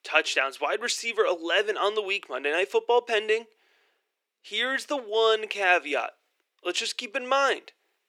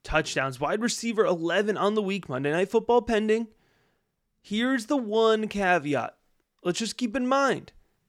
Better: second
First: thin; very; fading below 350 Hz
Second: none

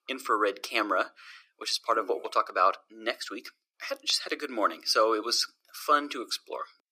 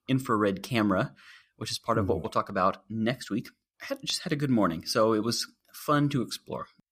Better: second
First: thin; very; fading below 350 Hz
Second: none

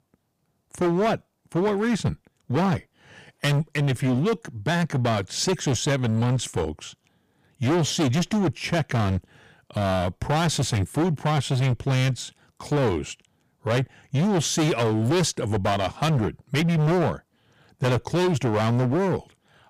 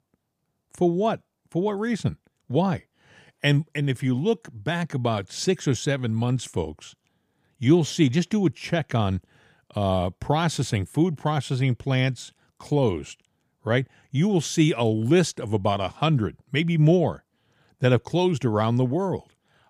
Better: second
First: distortion; heavy; 20% of the sound clipped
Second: none

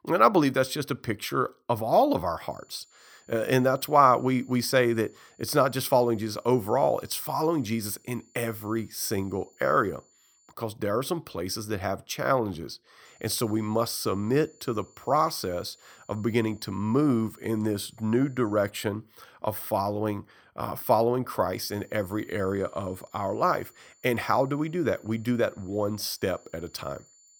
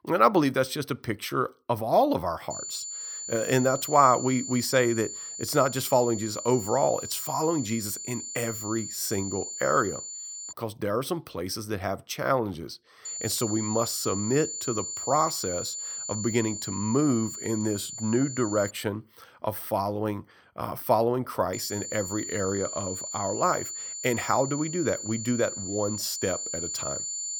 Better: first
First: high-pitched whine; faint; from 2.5 to 11 s, from 13 to 19 s and from 22 s on; 7 kHz, 30 dB below the speech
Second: high-pitched whine; loud; from 2.5 to 11 s, from 13 to 19 s and from 22 s on; 7 kHz, 6 dB below the speech

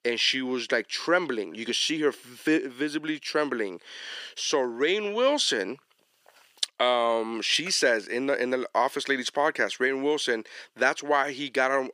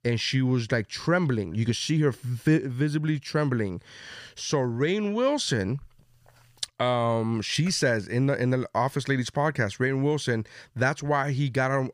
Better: second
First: thin; somewhat; fading below 300 Hz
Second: none

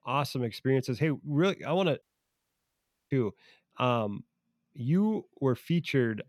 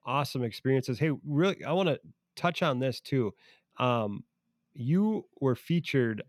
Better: second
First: audio cutting out; at 2 s for 1 s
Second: none

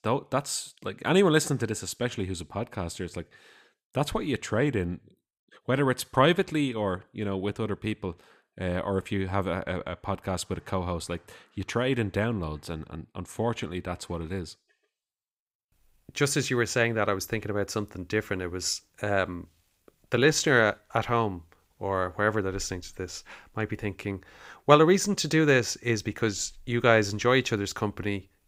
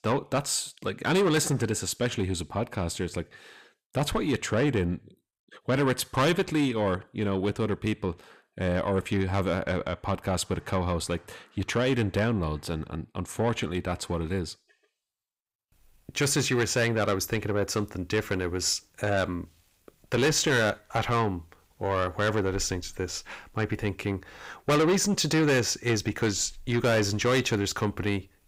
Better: first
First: none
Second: distortion; heavy; 7 dB below the speech

